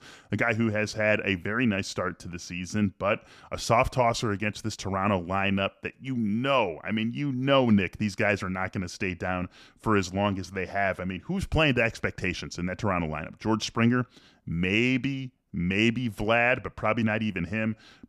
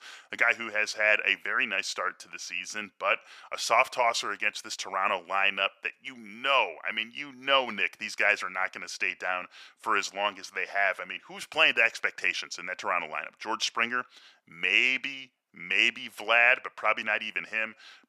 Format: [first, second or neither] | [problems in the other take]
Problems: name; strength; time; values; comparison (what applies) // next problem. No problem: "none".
first | thin; very; fading below 750 Hz